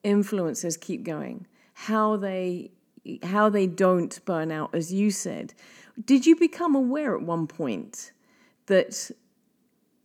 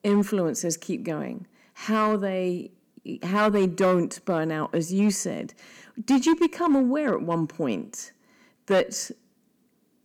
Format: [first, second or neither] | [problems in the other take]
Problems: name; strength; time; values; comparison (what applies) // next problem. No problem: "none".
first | distortion; slight; 4% of the sound clipped